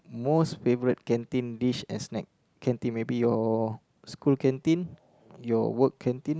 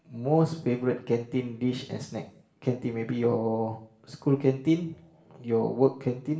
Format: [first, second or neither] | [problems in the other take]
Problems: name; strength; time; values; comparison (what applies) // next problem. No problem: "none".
first | room echo; dies away in 0.5 s